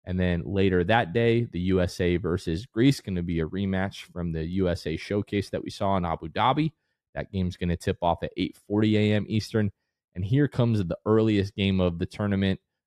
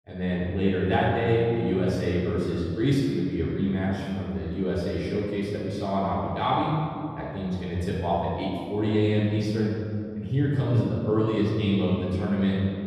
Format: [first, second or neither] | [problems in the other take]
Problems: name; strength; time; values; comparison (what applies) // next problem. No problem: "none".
first | off-mic speech; far // room echo; strong; dies away in 2.3 s